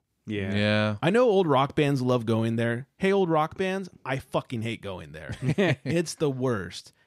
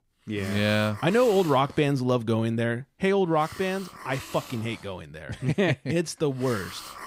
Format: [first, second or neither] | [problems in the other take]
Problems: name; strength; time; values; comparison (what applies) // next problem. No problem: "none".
first | hiss; noticeable; throughout; 15 dB below the speech